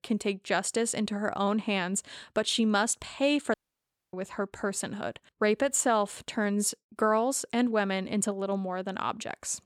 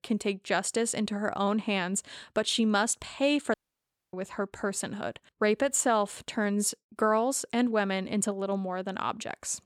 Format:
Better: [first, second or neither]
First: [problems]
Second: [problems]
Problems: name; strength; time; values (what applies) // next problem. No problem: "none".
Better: neither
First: audio cutting out; at 3.5 s for 0.5 s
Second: audio cutting out; at 3.5 s for 0.5 s